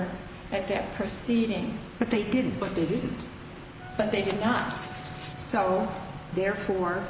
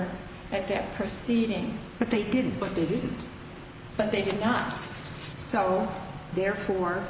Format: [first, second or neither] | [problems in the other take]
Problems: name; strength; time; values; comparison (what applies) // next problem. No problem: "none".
second | background sound (Wind instrument, woodwind instrument); 19 dB below the speech